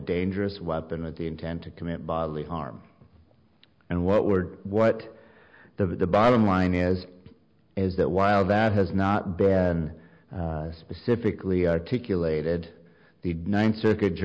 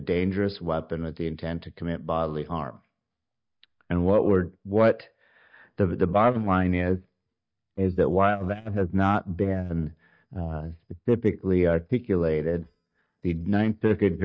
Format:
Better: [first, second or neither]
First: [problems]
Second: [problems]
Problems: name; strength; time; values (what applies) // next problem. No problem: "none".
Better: first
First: none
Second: noise reduction (neural mask model DeepFilterNet 3)